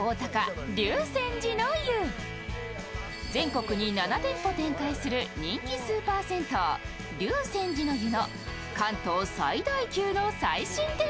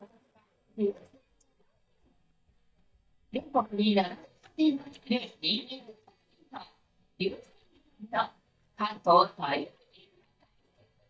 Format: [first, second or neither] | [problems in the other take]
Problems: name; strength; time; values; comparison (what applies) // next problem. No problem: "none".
first | noise reduction (neural mask model DeepFilterNet 3)